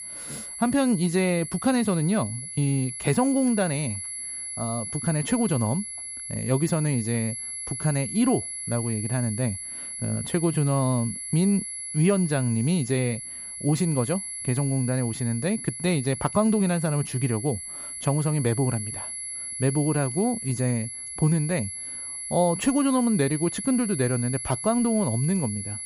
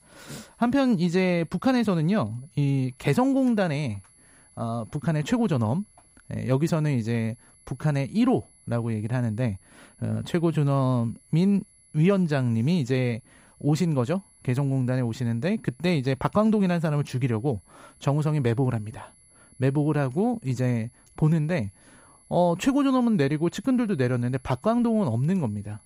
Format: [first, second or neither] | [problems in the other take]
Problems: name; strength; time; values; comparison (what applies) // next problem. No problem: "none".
second | high-pitched whine; loud; throughout; 11 kHz, 7 dB below the speech; faint in the second